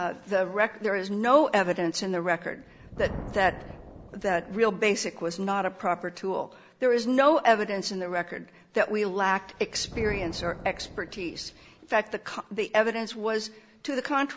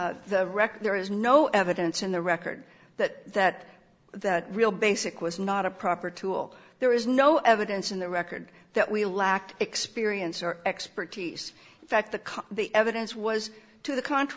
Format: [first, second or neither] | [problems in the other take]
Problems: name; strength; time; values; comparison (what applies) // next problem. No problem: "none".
second | background sound (Thunder); 18 dB below the speech